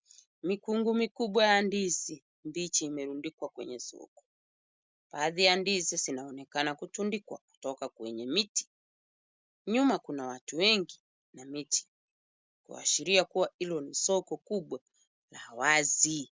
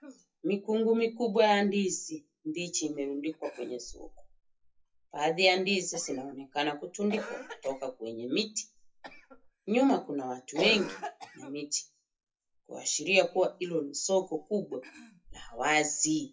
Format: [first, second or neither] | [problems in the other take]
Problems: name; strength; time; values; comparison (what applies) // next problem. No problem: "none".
first | noise reduction (classical method WPE with log-MMSE)